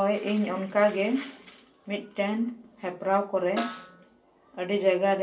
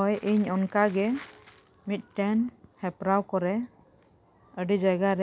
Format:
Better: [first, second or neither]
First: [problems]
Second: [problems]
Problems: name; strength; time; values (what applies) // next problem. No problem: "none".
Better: second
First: background sound (Snare drum); 12 dB below the speech // room echo; dies away in 0.3 s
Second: none